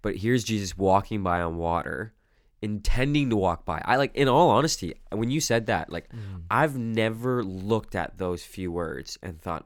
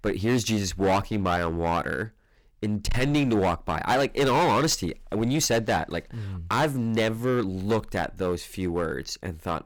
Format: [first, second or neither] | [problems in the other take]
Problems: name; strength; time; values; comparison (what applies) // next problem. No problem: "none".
first | distortion; heavy; 11% of the sound clipped